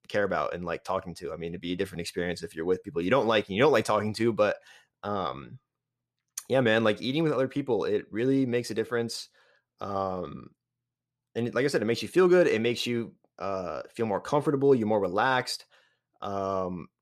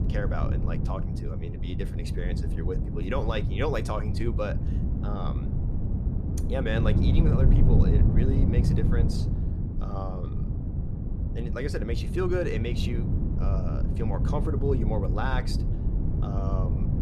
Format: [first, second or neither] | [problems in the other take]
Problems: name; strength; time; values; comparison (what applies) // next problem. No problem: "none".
first | wind noise on the microphone; heavy; 4 dB below the speech